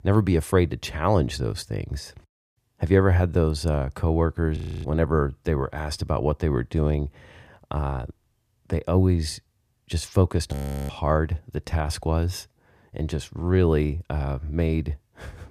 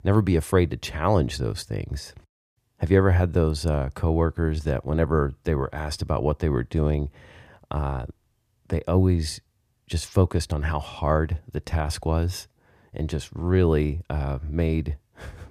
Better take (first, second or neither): second